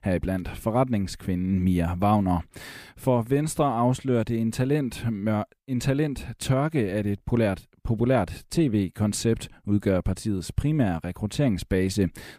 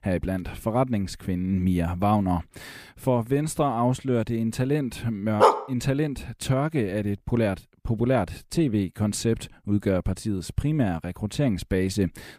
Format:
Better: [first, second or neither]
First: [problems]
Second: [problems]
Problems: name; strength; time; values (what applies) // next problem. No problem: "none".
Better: first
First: none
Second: dog barking; loud; at 5.5 s; peak 6 dB above the speech